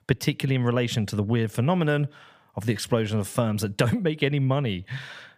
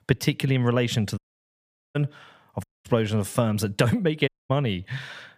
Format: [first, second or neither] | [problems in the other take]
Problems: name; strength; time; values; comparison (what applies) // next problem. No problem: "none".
first | audio cutting out; at 1 s for 1 s, at 2.5 s and at 4.5 s